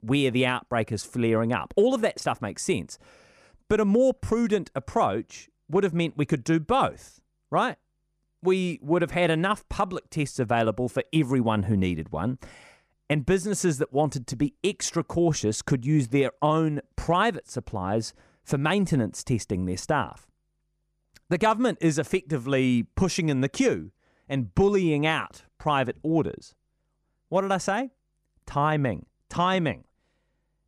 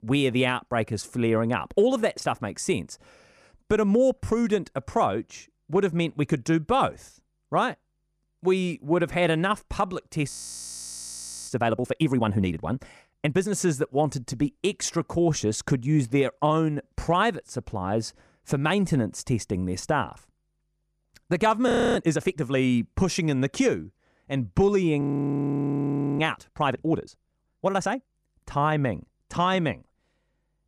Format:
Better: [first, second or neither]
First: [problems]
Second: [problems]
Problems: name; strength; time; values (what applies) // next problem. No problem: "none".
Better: first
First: none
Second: audio freezing; at 10 s for 1 s, at 22 s and at 25 s for 1 s